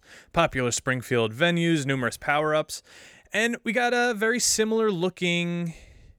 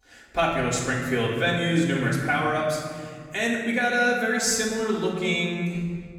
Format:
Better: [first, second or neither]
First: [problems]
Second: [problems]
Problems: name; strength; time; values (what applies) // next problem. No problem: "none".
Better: first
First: none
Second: room echo; noticeable; dies away in 1.7 s // off-mic speech; far